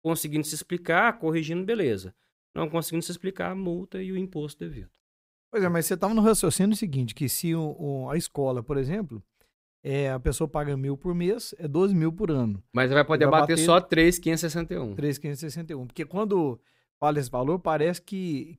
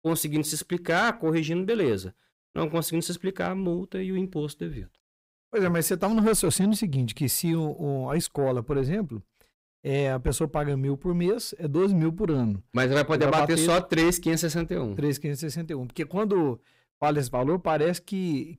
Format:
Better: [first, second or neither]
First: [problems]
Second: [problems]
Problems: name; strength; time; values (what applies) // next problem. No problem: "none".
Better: first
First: none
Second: distortion; slight; 10 dB below the speech